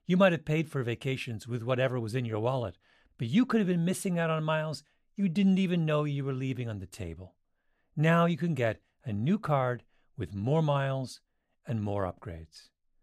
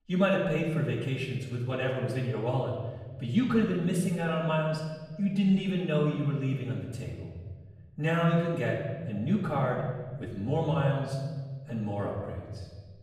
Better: first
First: none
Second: off-mic speech; far // room echo; noticeable; dies away in 1.4 s

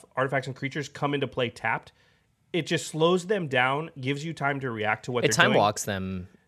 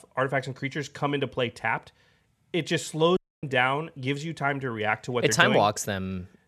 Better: first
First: none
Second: audio cutting out; at 3 s

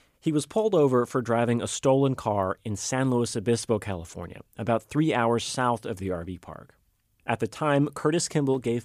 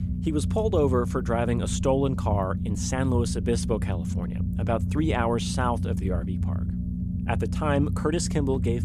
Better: first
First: none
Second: low rumble; noticeable; throughout; 10 dB below the speech

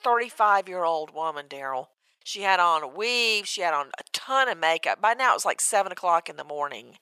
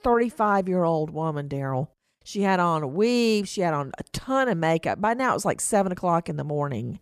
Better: second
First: thin; very; fading below 850 Hz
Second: none

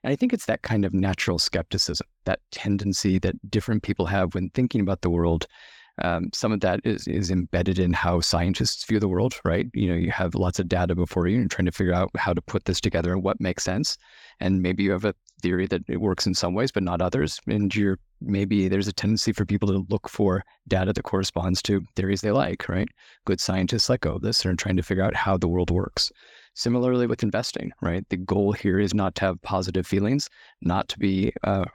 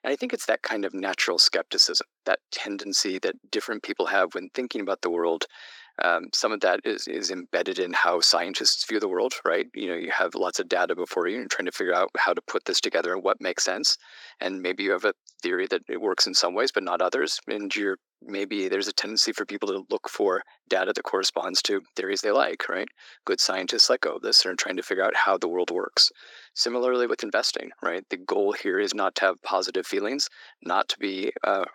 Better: first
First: none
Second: thin; very; fading below 350 Hz

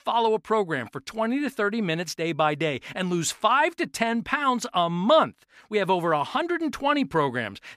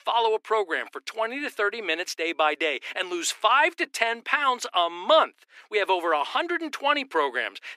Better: first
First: none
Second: thin; somewhat; fading below 350 Hz

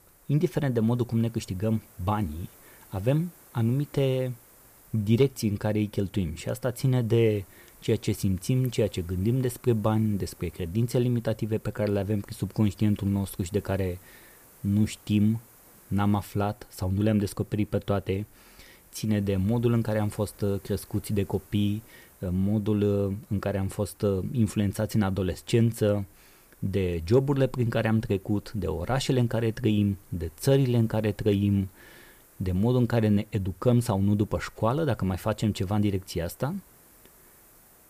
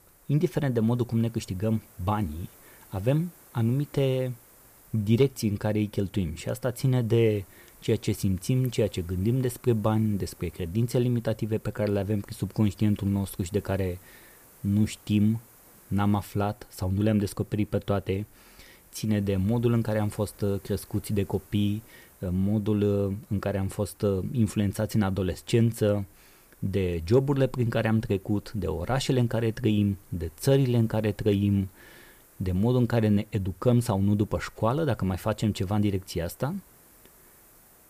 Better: neither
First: hiss; faint; throughout; 25 dB below the speech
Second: hiss; faint; throughout; 25 dB below the speech

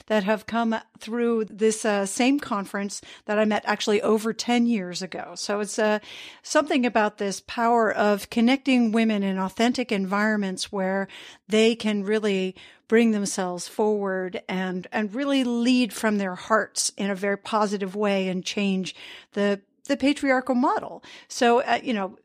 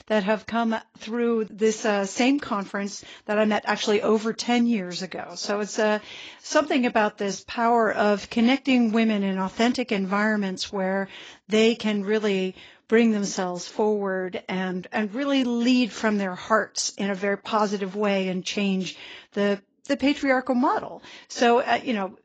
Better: first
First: none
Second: garbled, watery; badly; nothing above 7.5 kHz

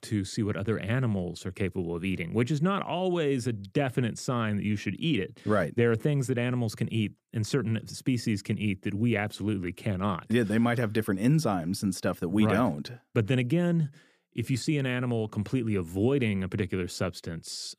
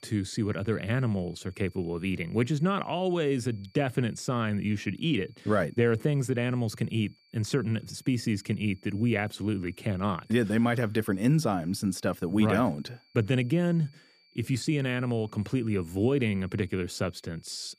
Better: first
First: none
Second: high-pitched whine; faint; throughout; 4.5 kHz, 35 dB below the speech

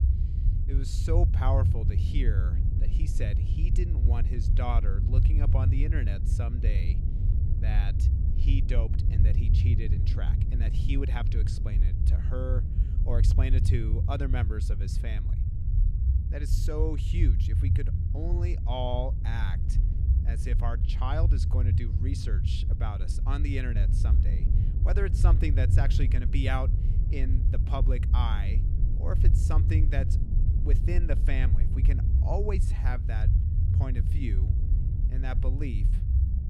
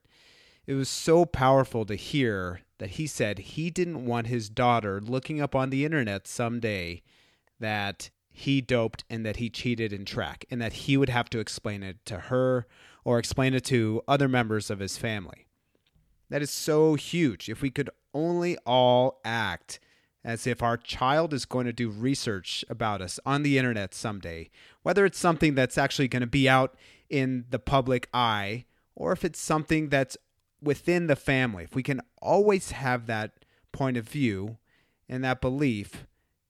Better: second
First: low rumble; loud; throughout; 4 dB below the speech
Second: none

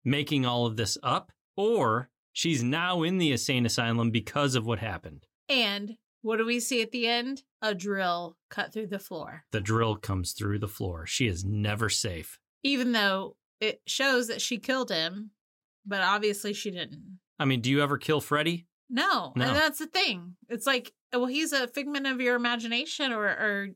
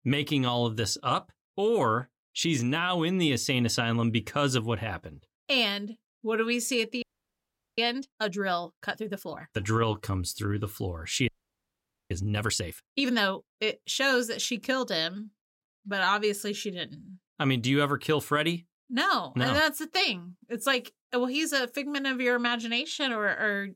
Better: first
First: none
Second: audio freezing; at 7 s for 1 s and at 11 s for 1 s

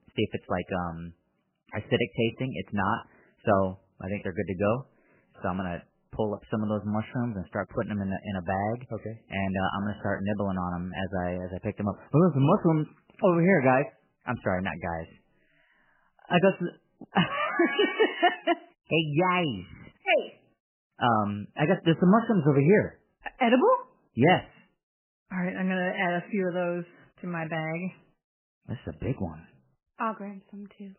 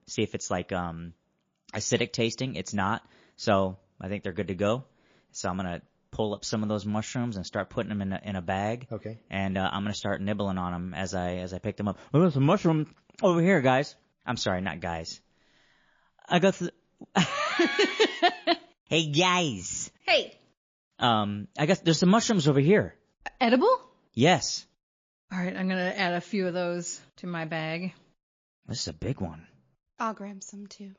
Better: second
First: garbled, watery; badly; nothing above 3 kHz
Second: garbled, watery; slightly

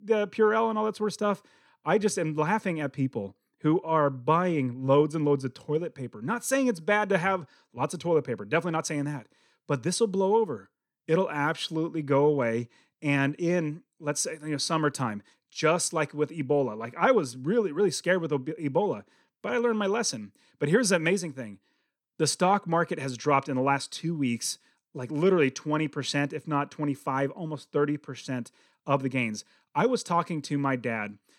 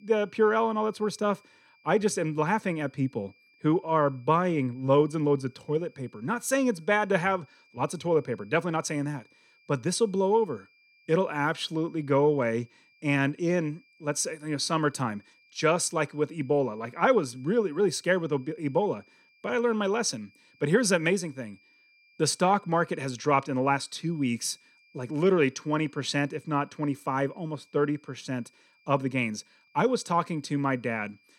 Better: first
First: none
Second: high-pitched whine; faint; throughout; 2.5 kHz, 35 dB below the speech

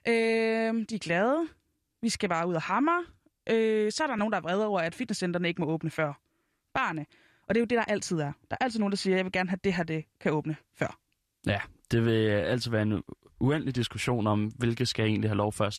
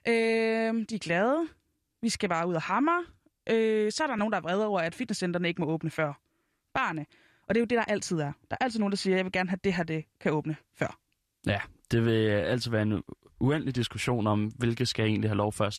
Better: neither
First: none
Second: none

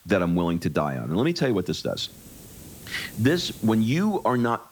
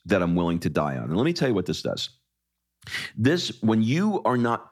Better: second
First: hiss; faint; throughout; 20 dB below the speech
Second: none

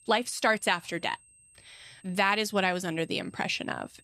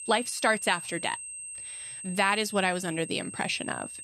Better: first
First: high-pitched whine; faint; throughout; 8.5 kHz, 30 dB below the speech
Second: high-pitched whine; loud; throughout; 8.5 kHz, 9 dB below the speech

